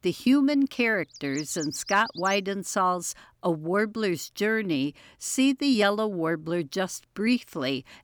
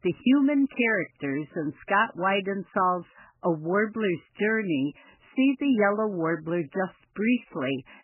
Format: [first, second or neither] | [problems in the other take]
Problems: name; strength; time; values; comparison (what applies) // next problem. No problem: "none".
first | garbled, watery; badly; nothing above 3 kHz